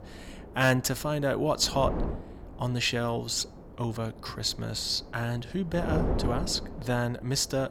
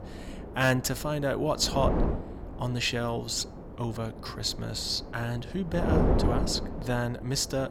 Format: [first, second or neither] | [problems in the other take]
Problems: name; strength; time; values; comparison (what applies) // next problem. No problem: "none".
first | wind noise on the microphone; heavy; 7 dB below the speech; occasional gusts in the first